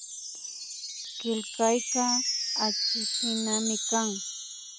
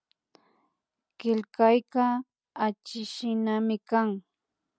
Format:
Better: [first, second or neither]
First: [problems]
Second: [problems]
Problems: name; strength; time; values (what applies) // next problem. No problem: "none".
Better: second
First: background sound (Wind chime); as loud as the speech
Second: none